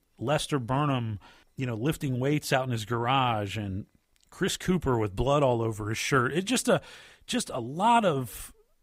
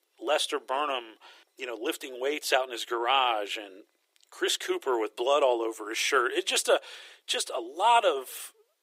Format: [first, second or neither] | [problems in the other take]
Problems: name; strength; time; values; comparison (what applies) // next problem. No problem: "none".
first | thin; very; fading below 350 Hz